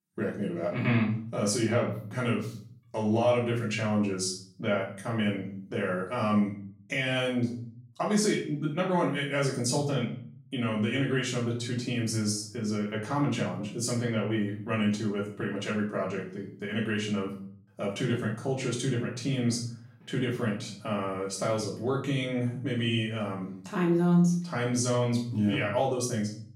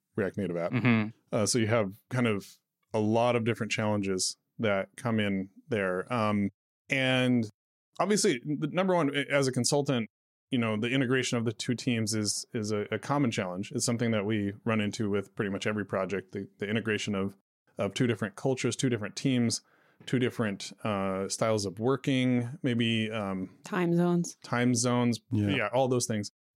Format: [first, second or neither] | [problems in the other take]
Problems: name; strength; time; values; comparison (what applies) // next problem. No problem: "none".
second | off-mic speech; far // room echo; noticeable; dies away in 0.5 s